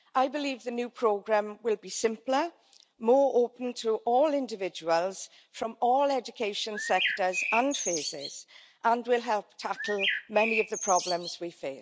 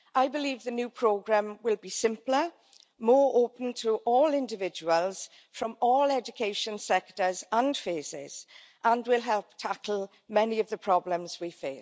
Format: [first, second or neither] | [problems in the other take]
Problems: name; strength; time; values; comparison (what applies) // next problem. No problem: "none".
second | background sound (Bird); 4 dB below the speech